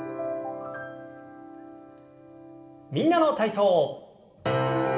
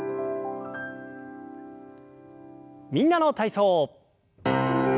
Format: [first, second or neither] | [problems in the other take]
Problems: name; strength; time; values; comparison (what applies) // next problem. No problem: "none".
second | room echo; dies away in 1.9 s